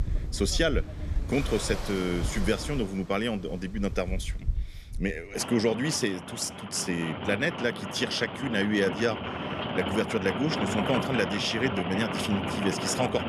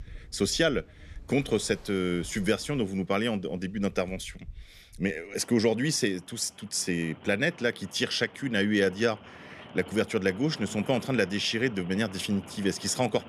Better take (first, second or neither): second